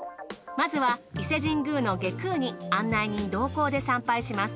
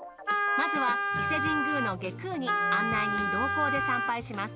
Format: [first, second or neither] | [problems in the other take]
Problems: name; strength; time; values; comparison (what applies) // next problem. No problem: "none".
first | background sound (Wind instrument, woodwind instrument); 3 dB above the speech